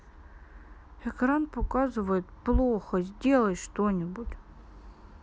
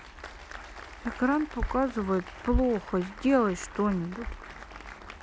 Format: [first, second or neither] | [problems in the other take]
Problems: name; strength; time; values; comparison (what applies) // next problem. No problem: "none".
first | background sound (Applause); 16 dB below the speech